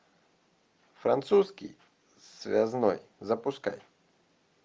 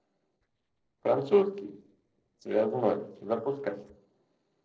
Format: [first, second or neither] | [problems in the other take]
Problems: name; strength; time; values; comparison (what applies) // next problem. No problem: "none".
first | noise reduction (neural separator model SepFormer DNS4)